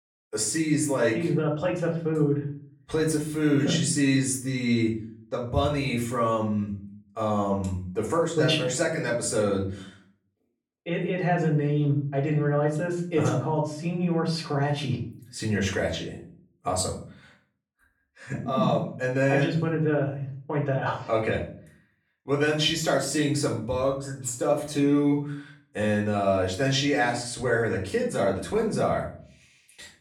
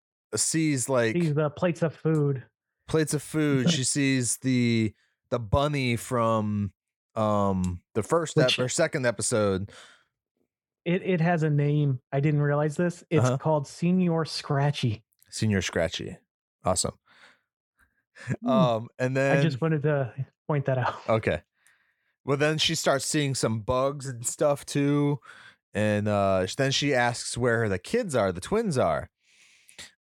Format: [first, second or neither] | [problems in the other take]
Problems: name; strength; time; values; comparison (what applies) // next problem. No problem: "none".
second | room echo; slight; dies away in 0.4 s // off-mic speech; far